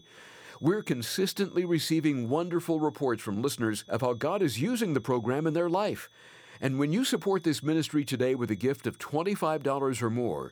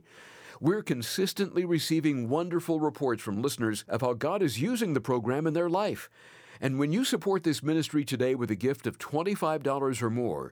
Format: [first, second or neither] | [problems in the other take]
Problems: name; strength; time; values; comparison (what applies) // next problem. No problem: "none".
second | high-pitched whine; faint; throughout; 3.5 kHz, 30 dB below the speech